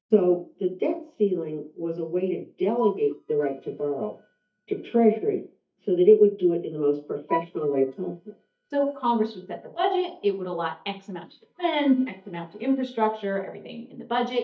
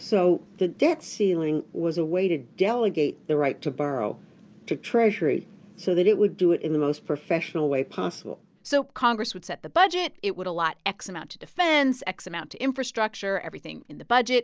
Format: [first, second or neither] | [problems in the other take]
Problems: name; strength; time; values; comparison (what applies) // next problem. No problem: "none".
second | noise reduction (neural mask model DeepFilterNet 3)